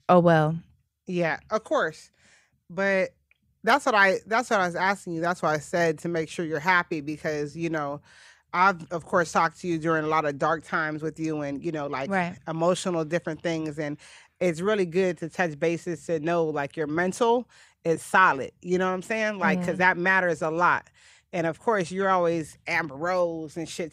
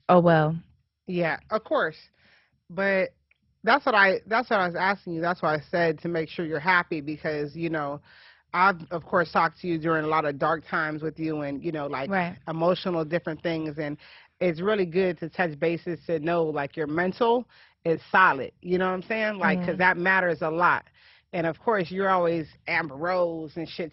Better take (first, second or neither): first